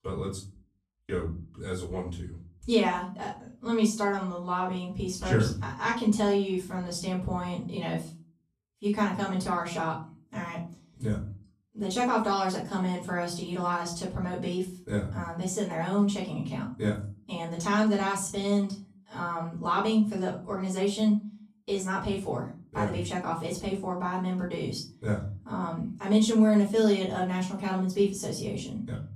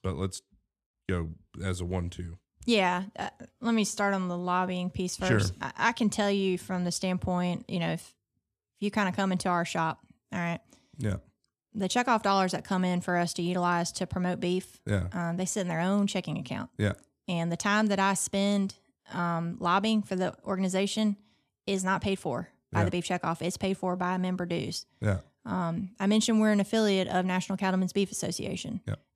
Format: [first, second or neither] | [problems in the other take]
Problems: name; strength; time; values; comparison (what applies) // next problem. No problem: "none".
second | room echo; slight; dies away in 0.3 s // off-mic speech; far